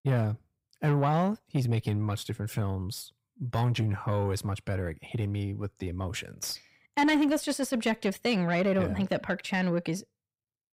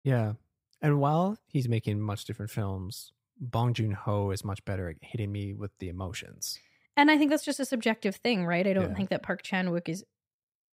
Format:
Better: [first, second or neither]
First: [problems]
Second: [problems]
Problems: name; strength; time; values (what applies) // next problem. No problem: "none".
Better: second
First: distortion; slight; 10 dB below the speech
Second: none